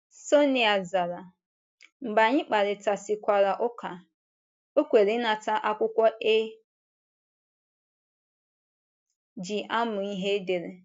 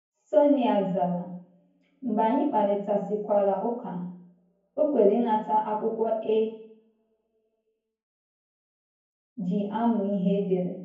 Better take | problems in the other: first | room echo; dies away in 0.9 s

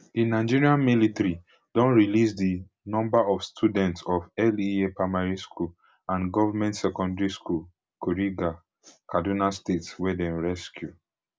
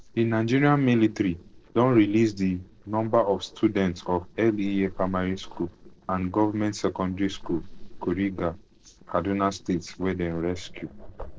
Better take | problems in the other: first | noise reduction (neural separator model SepFormer DNS4)

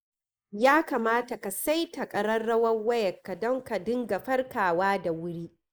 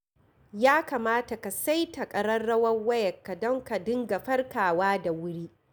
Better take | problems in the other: second | noise reduction (neural mask model Resemble Enhance denoiser)

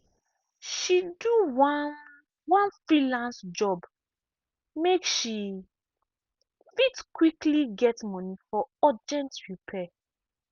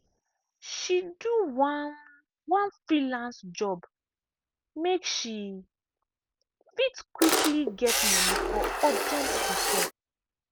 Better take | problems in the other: first | background sound (Camera); 4 dB above the speech

